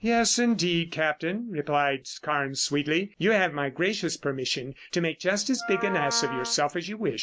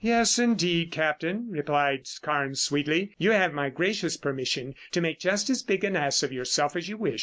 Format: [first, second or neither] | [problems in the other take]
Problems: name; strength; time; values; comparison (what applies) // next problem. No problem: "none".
second | background sound (Wind instrument, woodwind instrument); 8 dB below the speech